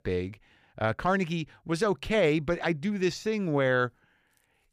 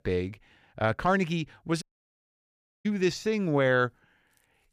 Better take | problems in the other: first | audio cutting out; at 2 s for 1 s

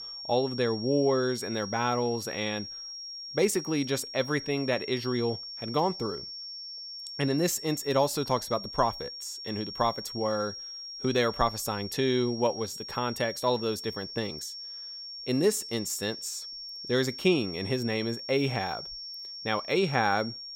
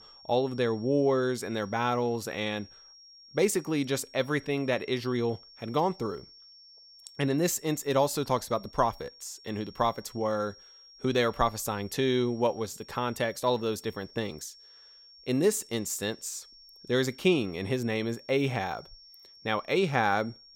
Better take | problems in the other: second | high-pitched whine; loud; throughout; 5.5 kHz, 9 dB below the speech; faint in the second

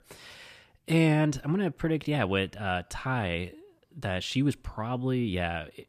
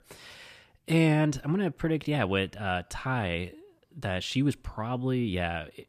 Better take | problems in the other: neither | none

